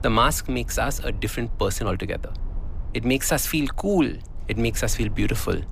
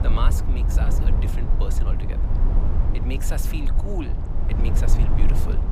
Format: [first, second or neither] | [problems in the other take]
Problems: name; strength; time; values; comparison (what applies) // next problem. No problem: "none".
first | low rumble; loud; throughout; 1 dB below the speech; faint in the first